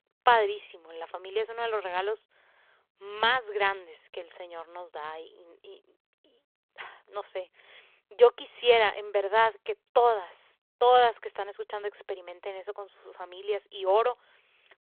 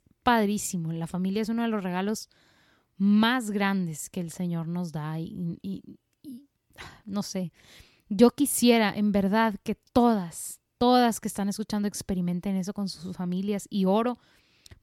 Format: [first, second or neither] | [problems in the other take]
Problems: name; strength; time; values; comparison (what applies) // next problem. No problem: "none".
second | phone-call audio